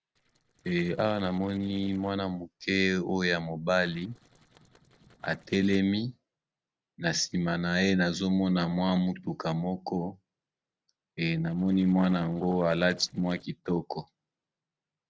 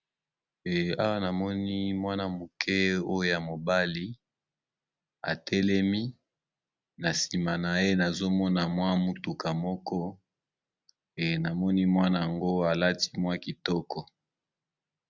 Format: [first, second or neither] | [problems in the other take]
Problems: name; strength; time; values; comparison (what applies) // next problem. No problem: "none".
second | noise reduction (neural separator model SepFormer DNS4)